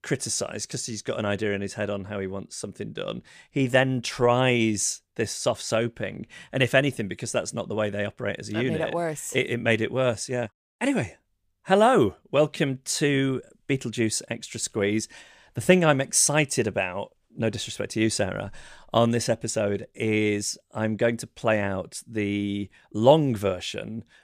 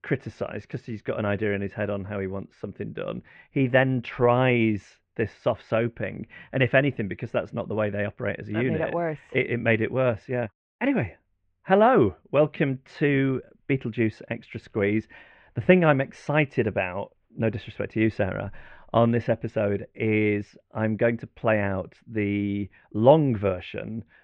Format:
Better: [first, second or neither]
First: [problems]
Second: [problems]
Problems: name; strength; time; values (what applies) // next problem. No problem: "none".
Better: first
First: none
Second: muffled; very; fading above 2.5 kHz